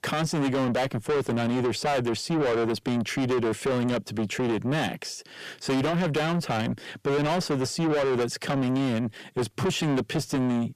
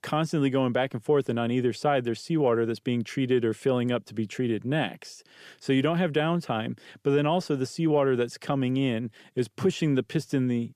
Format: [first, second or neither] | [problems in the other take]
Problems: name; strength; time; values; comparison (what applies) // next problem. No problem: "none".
second | distortion; heavy; 6 dB below the speech